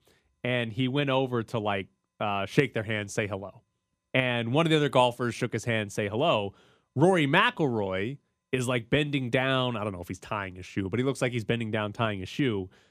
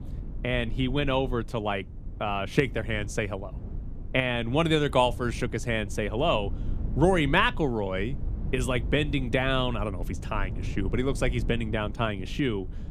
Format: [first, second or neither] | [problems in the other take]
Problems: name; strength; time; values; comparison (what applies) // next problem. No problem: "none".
first | low rumble; faint; throughout; 20 dB below the speech